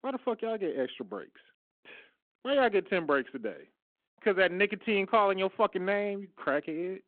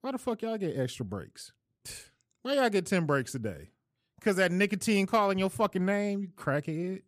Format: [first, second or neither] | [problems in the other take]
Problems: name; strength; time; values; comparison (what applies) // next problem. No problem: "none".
second | phone-call audio